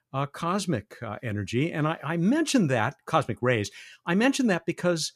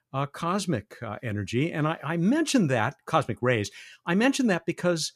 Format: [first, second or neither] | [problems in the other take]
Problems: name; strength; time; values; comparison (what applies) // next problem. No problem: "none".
neither | none